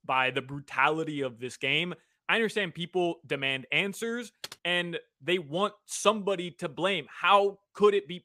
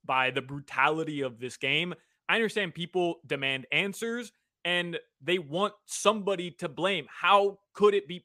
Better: second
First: keyboard typing; faint; at 4.5 s; peak 15 dB below the speech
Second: none

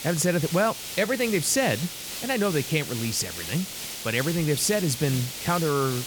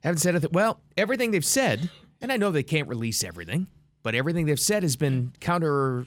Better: second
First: hiss; loud; throughout; 7 dB below the speech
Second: none

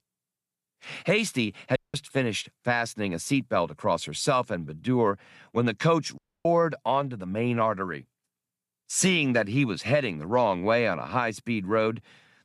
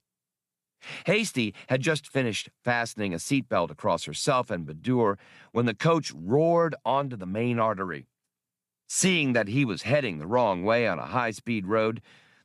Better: second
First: audio cutting out; at 2 s and at 6 s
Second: none

